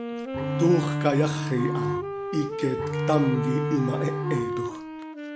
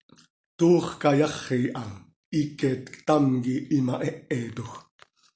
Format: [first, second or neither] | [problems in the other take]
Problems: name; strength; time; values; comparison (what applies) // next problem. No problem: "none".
second | background sound (Bowed string instrument + Wind instrument, woodwind instrument); 1 dB below the speech